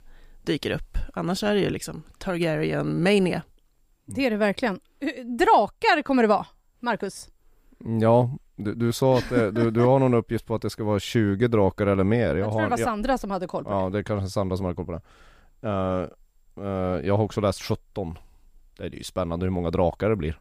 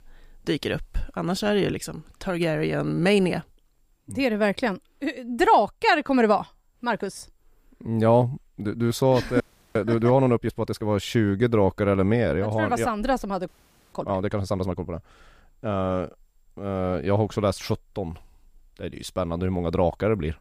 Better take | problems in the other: first | audio freezing; at 9.5 s and at 13 s

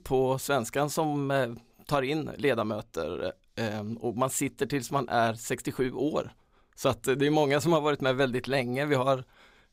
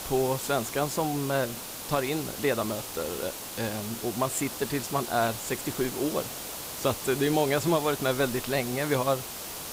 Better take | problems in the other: first | hiss; loud; throughout; 6 dB below the speech

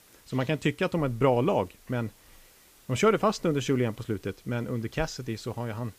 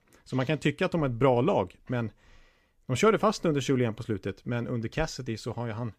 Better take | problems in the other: second | hiss; faint; throughout; 25 dB below the speech

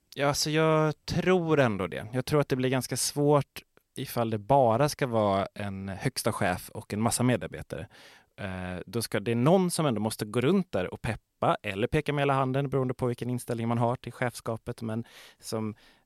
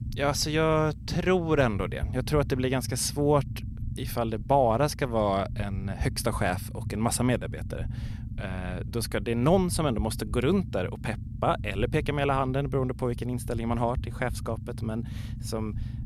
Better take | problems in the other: first | low rumble; faint; throughout; 20 dB below the speech

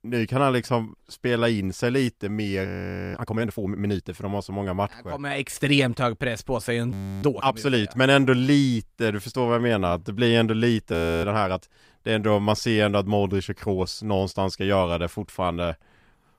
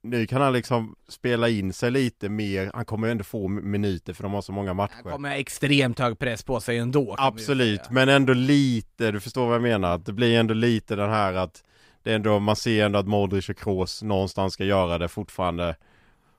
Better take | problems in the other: second | audio freezing; at 2.5 s, at 7 s and at 11 s

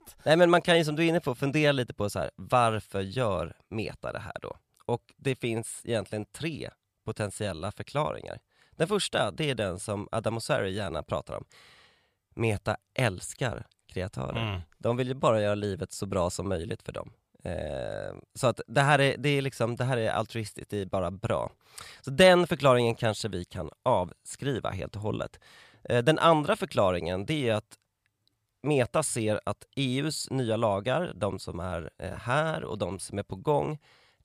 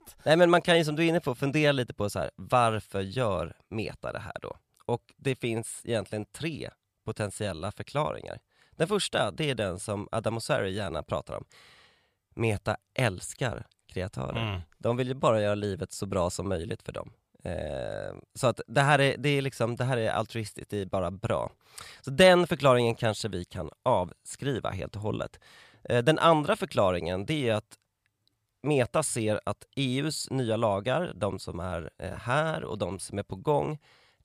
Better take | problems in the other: neither | none

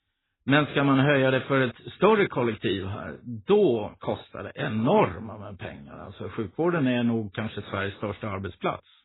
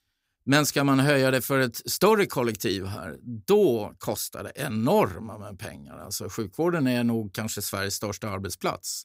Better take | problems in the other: second | garbled, watery; badly; nothing above 4 kHz

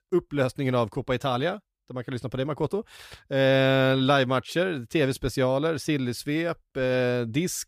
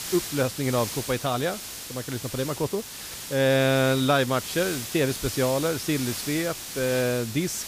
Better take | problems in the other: first | hiss; loud; throughout; 8 dB below the speech

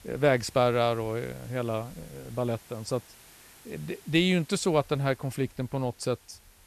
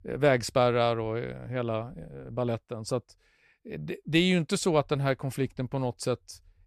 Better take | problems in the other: second | hiss; faint; throughout; 25 dB below the speech

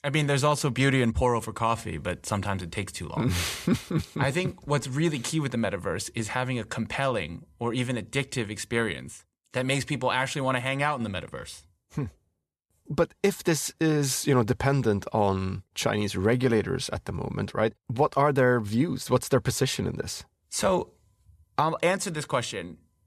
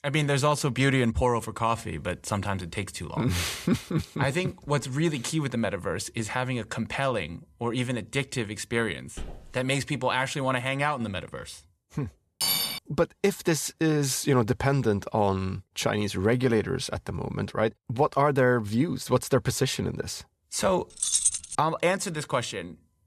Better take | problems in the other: first | footsteps; faint; at 9 s; peak 15 dB below the speech // clattering dishes; loud; at 12 s; peak 3 dB above the speech // jangling keys; loud; at 21 s; peak 5 dB above the speech

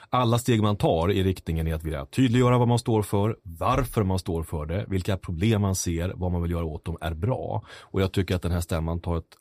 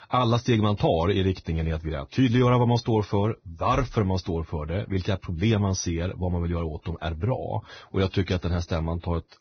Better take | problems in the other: first | garbled, watery; badly; nothing above 6 kHz

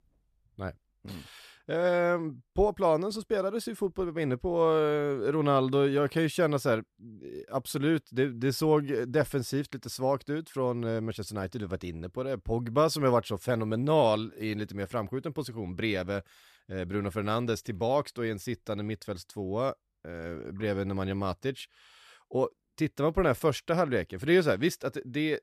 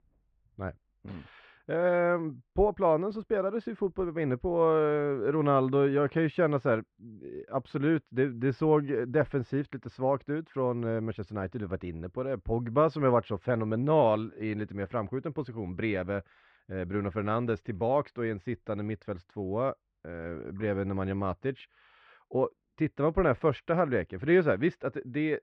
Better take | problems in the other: first | muffled; very; fading above 2.5 kHz

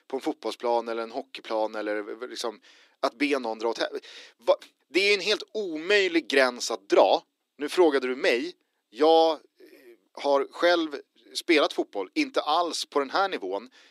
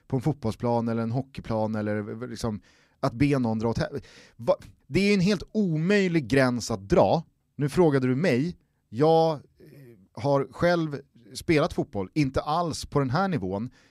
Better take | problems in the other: second | thin; somewhat; fading below 300 Hz

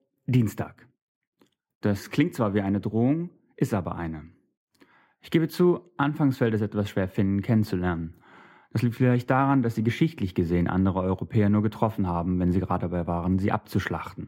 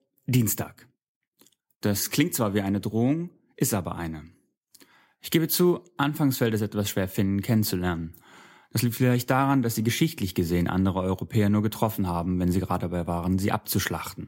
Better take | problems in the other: second | muffled; slightly; fading above 4 kHz

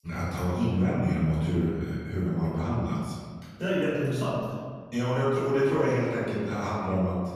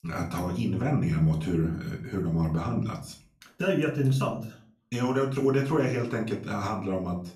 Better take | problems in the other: second | room echo; strong; dies away in 1.6 s; slight in the second // off-mic speech; far; far in the second

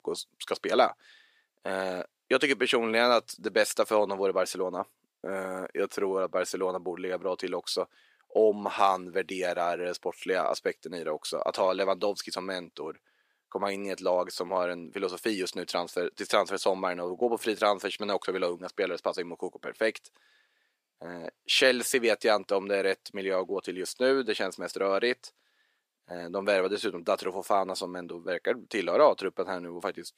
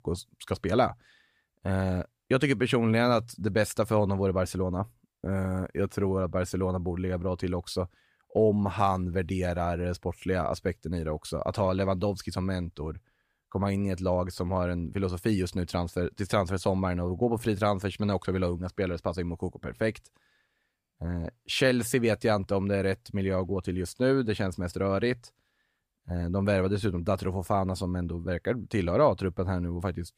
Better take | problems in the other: second | thin; somewhat; fading below 350 Hz

